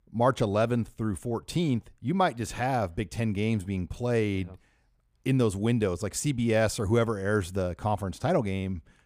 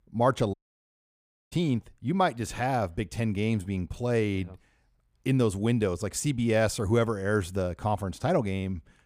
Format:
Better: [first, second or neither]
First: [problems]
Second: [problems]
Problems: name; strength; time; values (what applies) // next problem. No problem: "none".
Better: first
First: none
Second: audio cutting out; at 0.5 s for 1 s